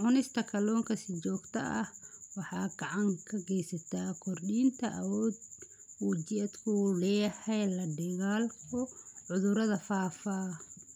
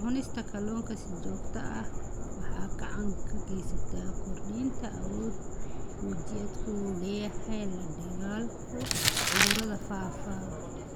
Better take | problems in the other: first | background sound (Crumpling, crinkling + Subway, metro, underground); 5 dB above the speech

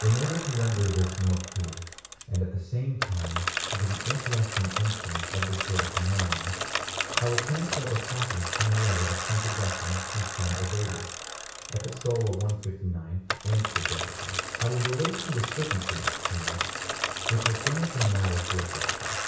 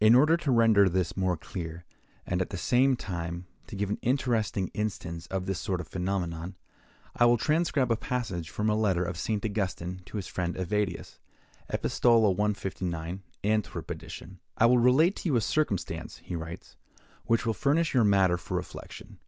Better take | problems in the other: second | background sound (Bicycle); 4 dB below the speech // room echo; dies away in 0.6 s

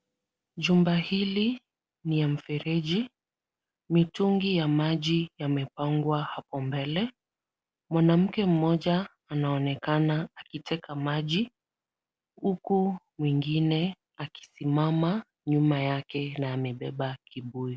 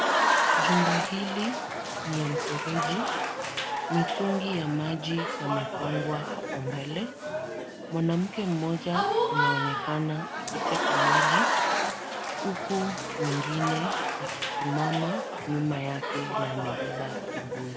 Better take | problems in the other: first | background sound (Applause / Crowd); 3 dB above the speech

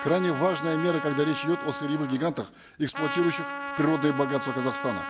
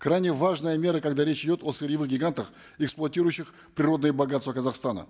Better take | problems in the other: second | background sound (Trumpet); 7 dB below the speech

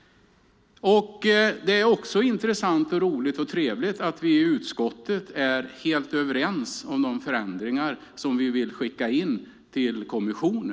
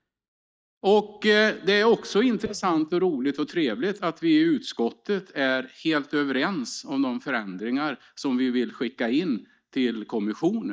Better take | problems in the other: first | noise reduction (neural mask model DeepFilterNet 3)

